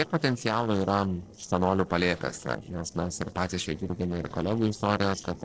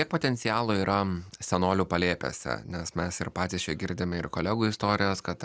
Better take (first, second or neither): second